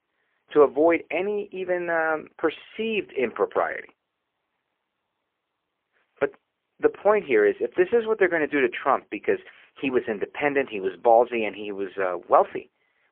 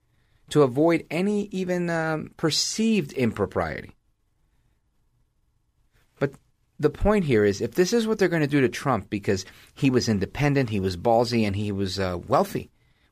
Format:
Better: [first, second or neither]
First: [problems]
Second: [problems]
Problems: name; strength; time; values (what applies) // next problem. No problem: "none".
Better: second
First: phone-call audio; poor line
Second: none